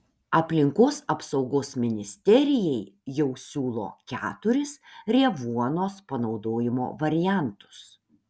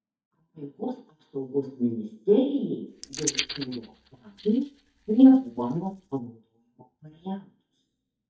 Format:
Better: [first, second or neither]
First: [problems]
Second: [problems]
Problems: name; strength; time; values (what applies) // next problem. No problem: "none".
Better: first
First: none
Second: noise reduction (neural mask model DeepFilterNet 3)